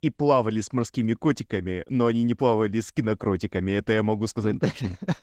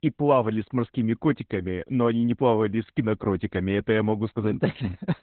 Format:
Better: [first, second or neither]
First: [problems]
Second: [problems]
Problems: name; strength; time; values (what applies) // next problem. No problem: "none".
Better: first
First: garbled, watery; slightly; nothing above 16 kHz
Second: garbled, watery; badly; nothing above 3.5 kHz